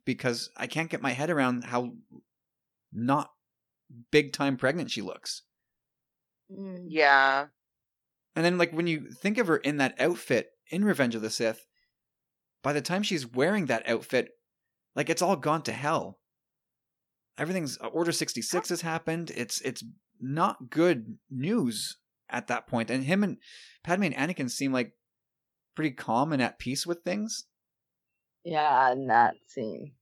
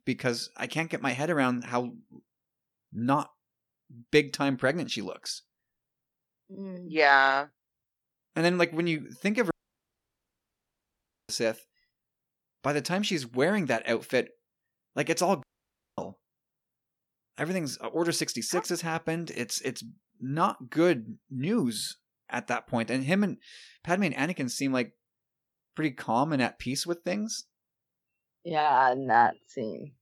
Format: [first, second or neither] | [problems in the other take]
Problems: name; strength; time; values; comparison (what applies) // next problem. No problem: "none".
first | audio cutting out; at 9.5 s for 2 s and at 15 s for 0.5 s